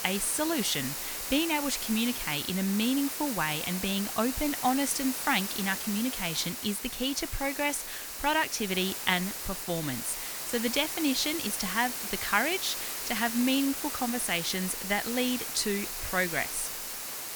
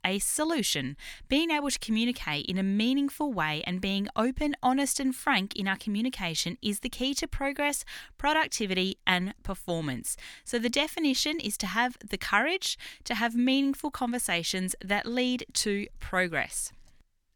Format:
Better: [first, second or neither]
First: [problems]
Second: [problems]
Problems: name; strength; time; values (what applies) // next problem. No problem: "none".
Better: second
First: hiss; loud; throughout; 4 dB below the speech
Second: none